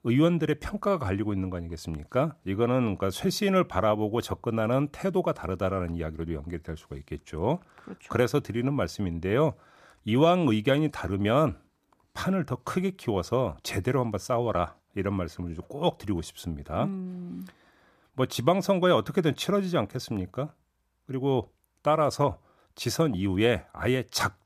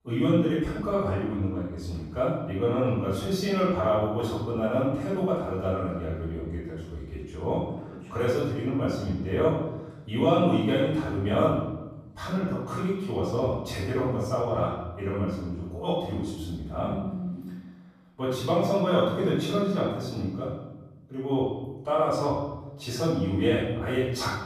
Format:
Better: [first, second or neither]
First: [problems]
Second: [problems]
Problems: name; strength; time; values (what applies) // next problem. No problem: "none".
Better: first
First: none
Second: off-mic speech; far // room echo; strong; dies away in 1 s